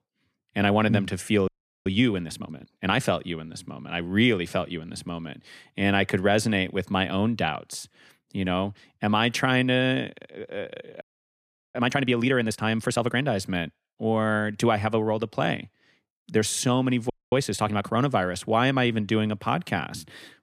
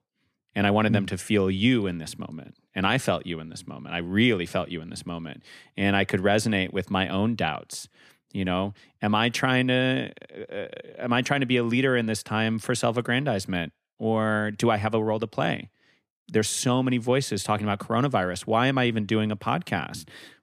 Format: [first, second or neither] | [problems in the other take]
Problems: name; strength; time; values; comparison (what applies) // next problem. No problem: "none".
second | audio freezing; at 1.5 s, at 11 s for 0.5 s and at 17 s